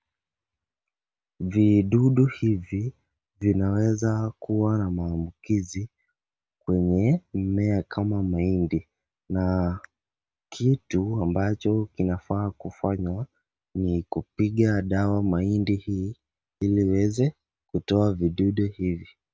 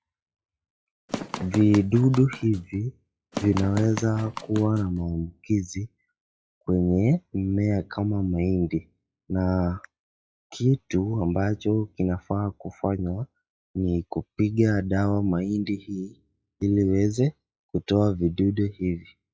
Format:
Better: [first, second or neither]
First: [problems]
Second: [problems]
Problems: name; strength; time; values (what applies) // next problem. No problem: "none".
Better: first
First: none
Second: noise reduction (classical method log-MMSE)